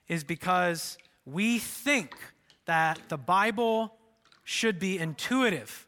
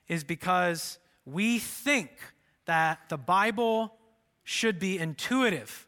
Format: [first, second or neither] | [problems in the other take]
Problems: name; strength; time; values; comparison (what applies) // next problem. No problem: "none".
second | household noises; faint; throughout; 30 dB below the speech